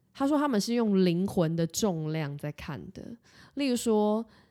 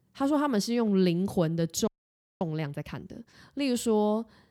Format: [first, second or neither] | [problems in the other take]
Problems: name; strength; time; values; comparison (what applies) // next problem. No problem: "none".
first | audio freezing; at 2 s for 0.5 s